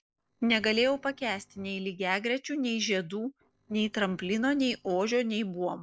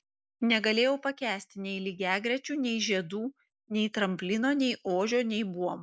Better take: second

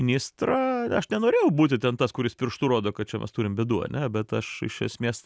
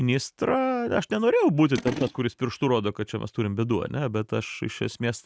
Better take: first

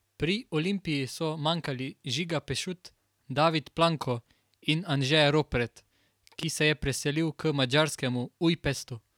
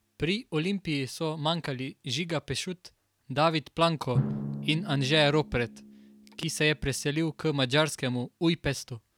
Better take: first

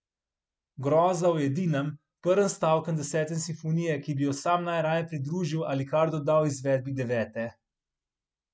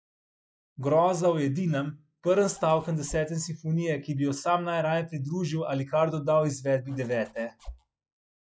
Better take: first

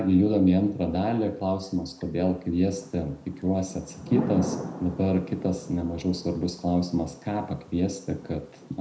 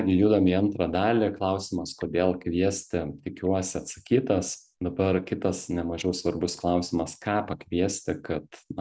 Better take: second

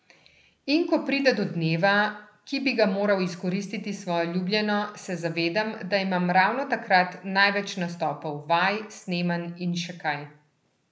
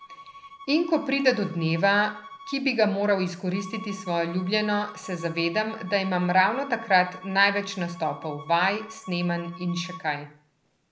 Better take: first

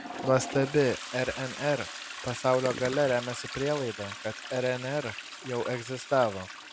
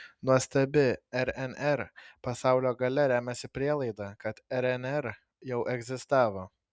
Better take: second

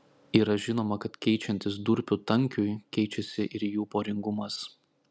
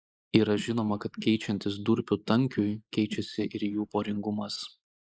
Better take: first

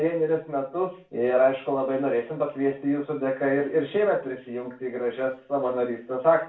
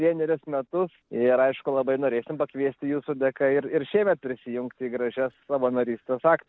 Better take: second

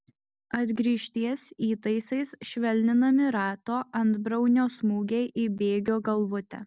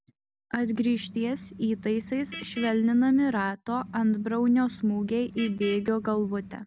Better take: first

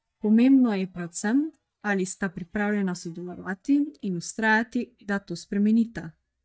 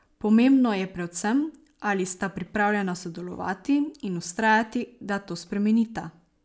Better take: second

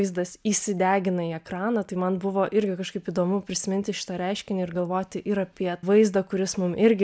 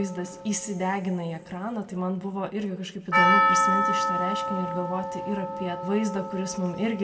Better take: first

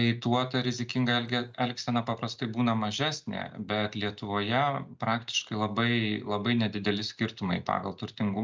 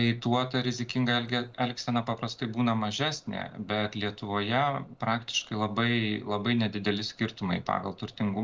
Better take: first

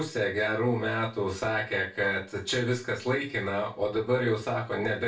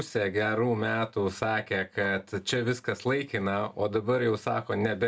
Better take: second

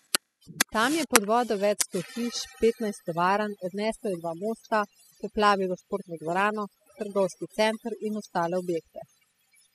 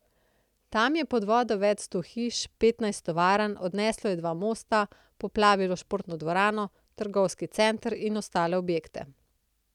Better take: second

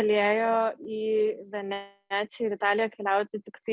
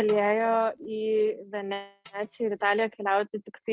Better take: first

